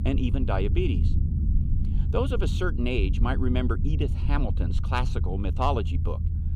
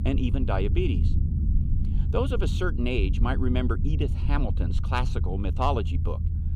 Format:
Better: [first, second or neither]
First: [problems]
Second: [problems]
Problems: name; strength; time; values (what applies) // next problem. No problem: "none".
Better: neither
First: low rumble; noticeable; throughout; 10 dB below the speech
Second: low rumble; noticeable; throughout; 10 dB below the speech